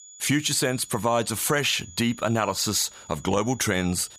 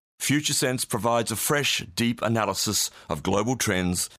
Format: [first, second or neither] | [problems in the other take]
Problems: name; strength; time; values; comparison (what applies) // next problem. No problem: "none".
second | high-pitched whine; faint; throughout; 7 kHz, 20 dB below the speech